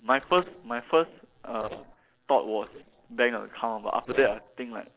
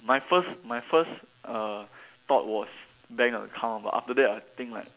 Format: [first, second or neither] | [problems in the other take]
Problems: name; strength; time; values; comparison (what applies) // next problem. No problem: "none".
second | noise reduction (neural separator model SepFormer DNS4)